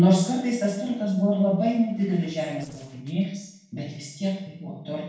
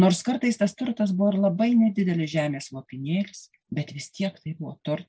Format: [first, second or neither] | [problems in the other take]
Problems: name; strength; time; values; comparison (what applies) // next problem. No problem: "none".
second | noise reduction (neural separator model SepFormer DNS4)